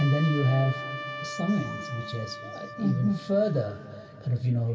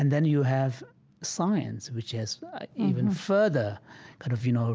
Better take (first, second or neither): second